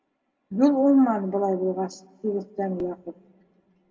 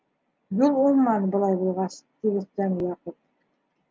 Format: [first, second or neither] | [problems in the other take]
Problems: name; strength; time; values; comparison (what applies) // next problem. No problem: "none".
second | room echo; dies away in 0.3 s